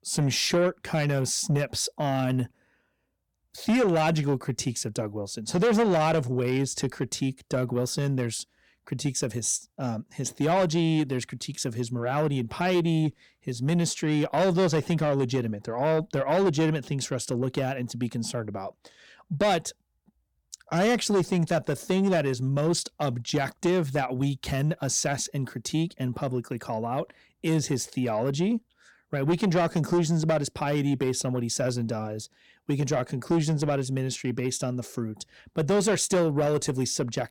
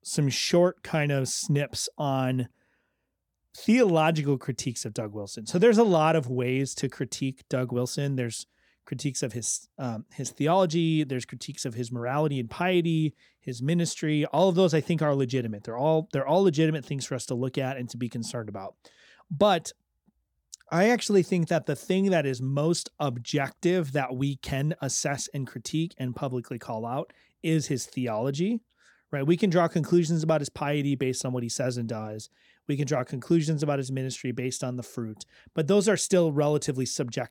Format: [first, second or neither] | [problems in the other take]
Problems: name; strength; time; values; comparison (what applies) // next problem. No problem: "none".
second | distortion; slight; 10 dB below the speech